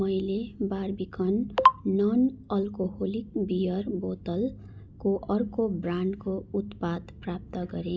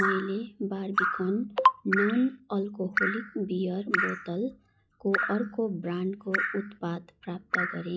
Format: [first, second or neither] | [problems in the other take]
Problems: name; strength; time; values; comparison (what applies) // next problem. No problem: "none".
first | noise reduction (classical method log-MMSE)